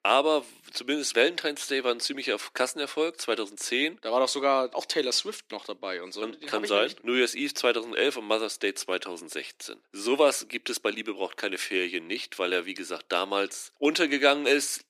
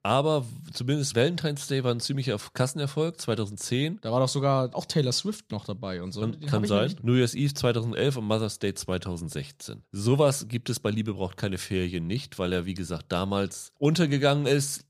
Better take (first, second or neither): second